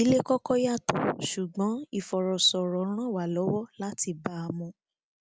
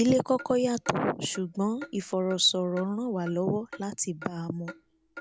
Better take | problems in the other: first | background sound (Clock); 20 dB below the speech

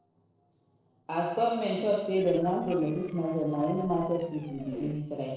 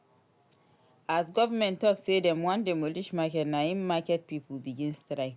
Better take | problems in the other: second | noise reduction (neural separator model SepFormer DNS4)

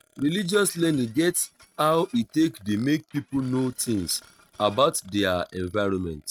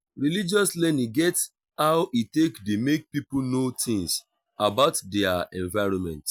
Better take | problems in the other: second | noise reduction (neural mask model RNNoise)

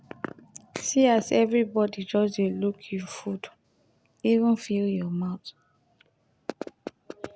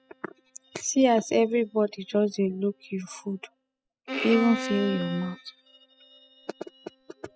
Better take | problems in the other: first | noise reduction (classical method spectral subtraction)

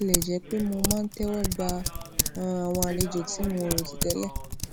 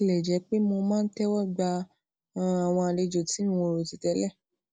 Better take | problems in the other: second | background sound (Typing); 1 dB below the speech

